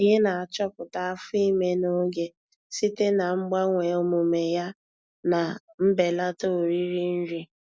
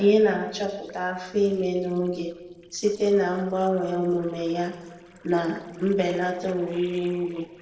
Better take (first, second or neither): first